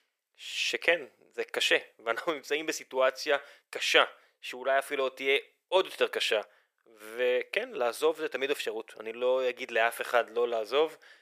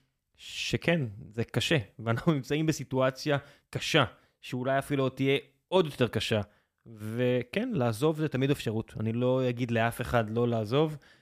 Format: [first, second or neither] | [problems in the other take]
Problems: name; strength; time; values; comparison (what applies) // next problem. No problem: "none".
second | thin; very; fading below 450 Hz